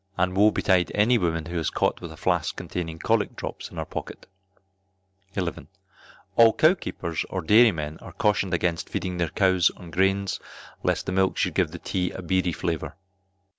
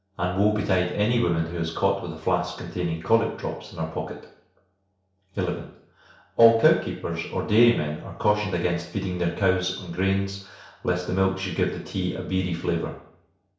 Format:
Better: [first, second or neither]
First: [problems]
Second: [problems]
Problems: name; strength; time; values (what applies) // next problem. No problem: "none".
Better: first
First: none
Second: room echo; dies away in 0.6 s